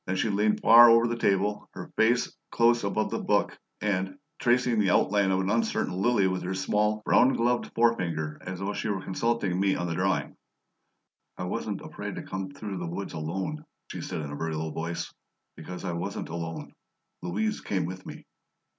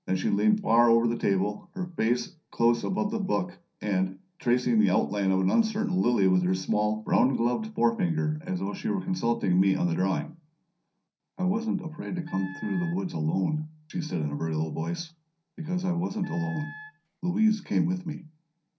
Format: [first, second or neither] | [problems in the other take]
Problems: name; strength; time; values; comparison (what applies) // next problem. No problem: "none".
first | background sound (Wind instrument, woodwind instrument); 17 dB below the speech // room echo; dies away in 0.5 s